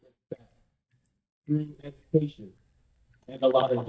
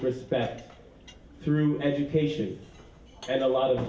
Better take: second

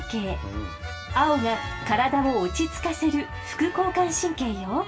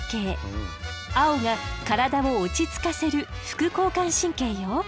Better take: second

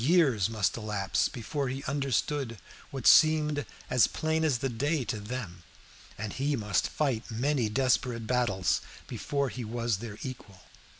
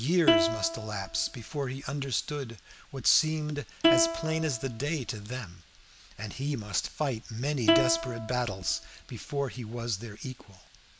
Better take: first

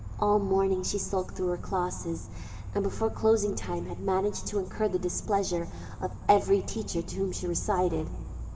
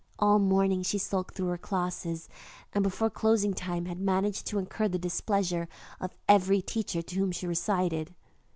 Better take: second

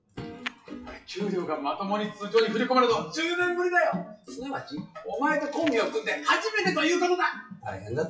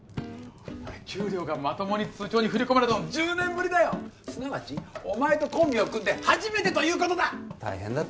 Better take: second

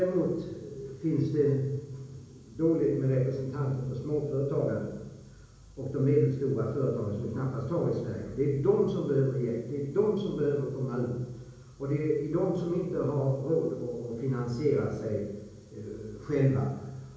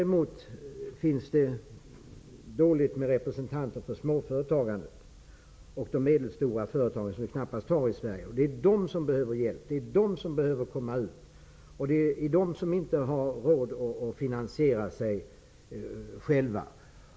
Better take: second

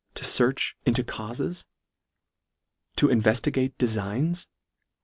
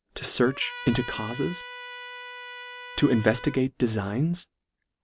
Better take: first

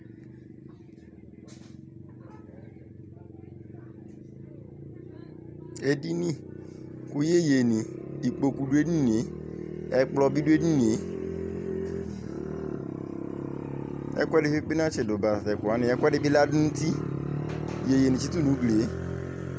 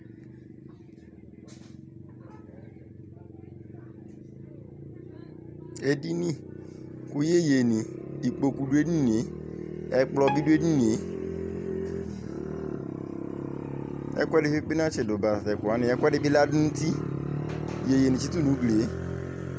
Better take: first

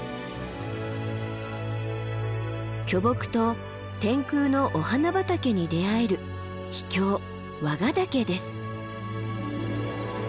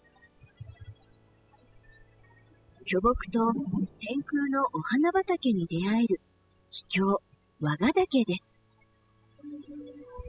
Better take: first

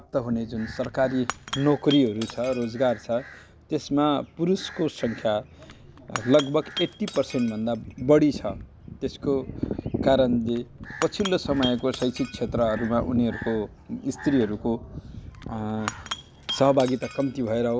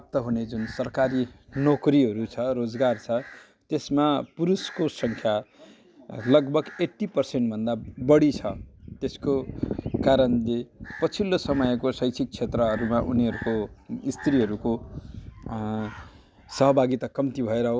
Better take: second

